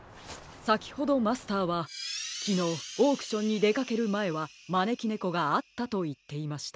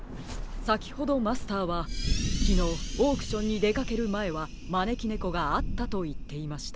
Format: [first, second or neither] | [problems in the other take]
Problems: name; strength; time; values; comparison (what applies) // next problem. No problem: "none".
first | background sound (Thunder); 2 dB below the speech